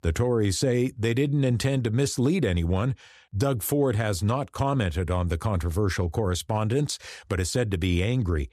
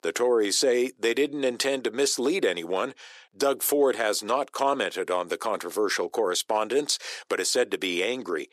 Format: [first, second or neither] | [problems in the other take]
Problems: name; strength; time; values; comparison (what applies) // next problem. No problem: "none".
first | thin; very; fading below 350 Hz